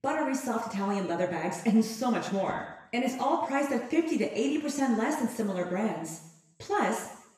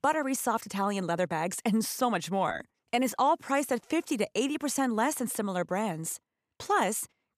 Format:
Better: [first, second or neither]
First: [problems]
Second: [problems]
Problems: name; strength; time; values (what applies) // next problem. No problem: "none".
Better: second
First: room echo; noticeable; dies away in 0.9 s // off-mic speech; far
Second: none